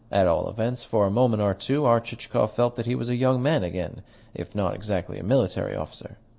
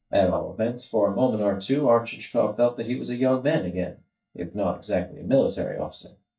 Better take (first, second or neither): first